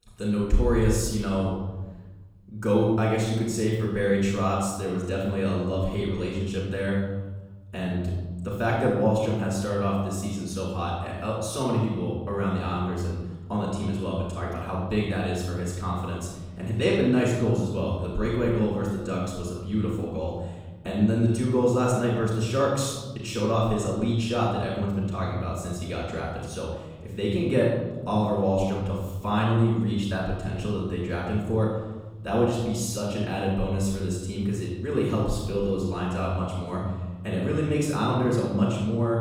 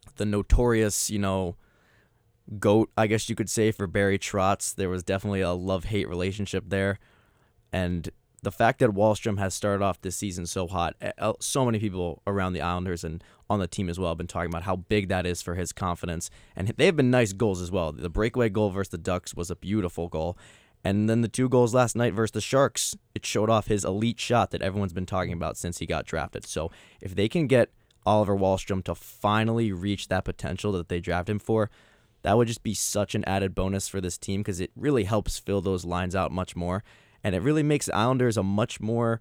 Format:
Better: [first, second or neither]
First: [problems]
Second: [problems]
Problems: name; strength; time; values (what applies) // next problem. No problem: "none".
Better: second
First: room echo; noticeable; dies away in 1.4 s // off-mic speech; far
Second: none